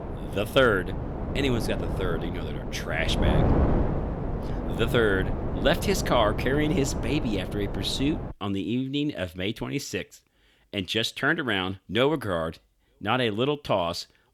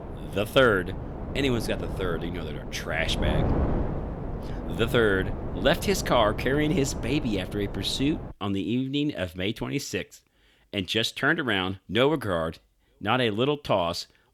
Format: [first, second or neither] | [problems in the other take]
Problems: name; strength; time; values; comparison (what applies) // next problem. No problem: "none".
second | wind noise on the microphone; heavy; until 8.5 s; 7 dB below the speech; occasional gusts in the second